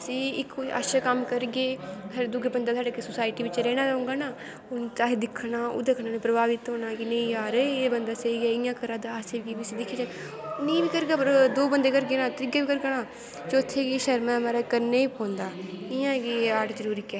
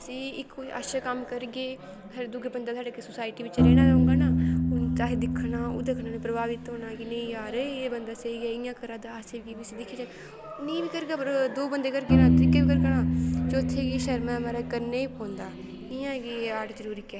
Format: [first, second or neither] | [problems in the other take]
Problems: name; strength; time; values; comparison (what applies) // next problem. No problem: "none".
first | background sound (Piano); 5 dB above the speech